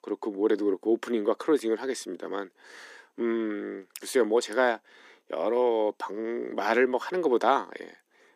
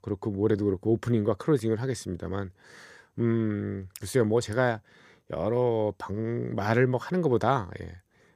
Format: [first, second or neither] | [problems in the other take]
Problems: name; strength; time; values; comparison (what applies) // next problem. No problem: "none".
second | thin; somewhat; fading below 250 Hz